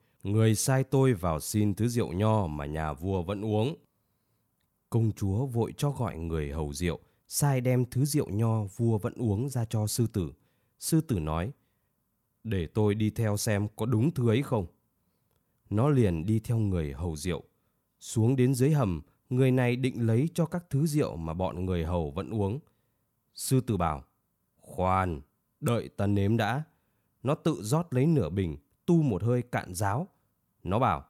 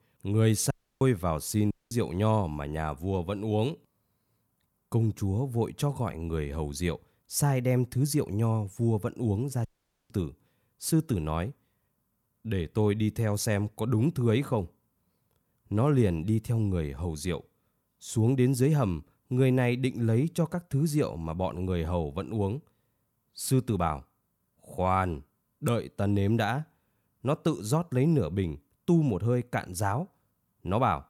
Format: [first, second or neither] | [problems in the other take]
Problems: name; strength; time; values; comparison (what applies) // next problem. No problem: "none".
first | audio cutting out; at 0.5 s, at 1.5 s and at 9.5 s